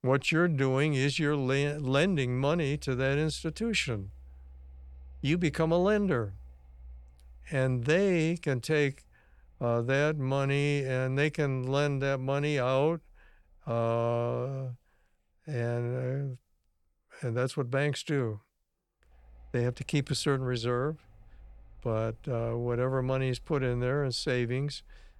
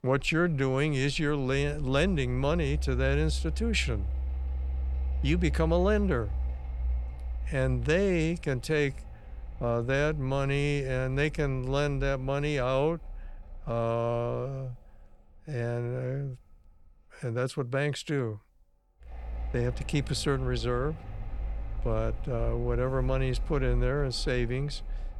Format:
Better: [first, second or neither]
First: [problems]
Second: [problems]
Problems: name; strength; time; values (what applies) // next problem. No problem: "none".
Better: first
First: machinery noise; faint; throughout; 25 dB below the speech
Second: machinery noise; loud; throughout; 7 dB below the speech